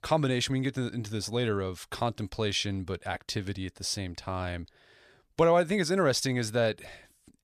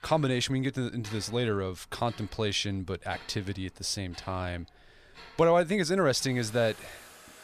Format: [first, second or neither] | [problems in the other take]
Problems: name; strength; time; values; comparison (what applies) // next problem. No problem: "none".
first | household noises; faint; throughout; 20 dB below the speech